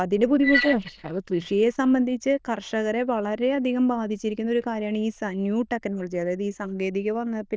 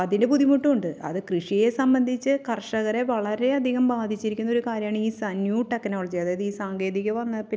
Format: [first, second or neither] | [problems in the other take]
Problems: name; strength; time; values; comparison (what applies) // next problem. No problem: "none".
second | noise reduction (neural diffusion model UNIVERSE++)